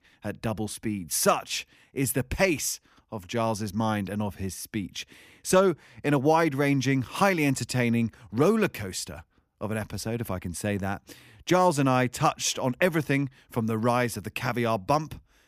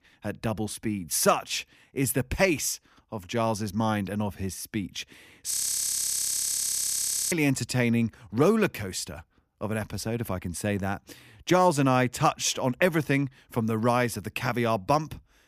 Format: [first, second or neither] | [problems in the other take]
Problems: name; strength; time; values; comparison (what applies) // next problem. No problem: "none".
first | audio freezing; at 5.5 s for 2 s